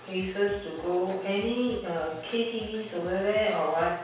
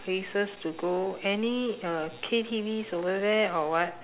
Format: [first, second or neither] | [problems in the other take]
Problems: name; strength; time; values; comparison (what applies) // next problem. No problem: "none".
second | background sound (Scratching (performance technique)); 20 dB below the speech // room echo; dies away in 0.7 s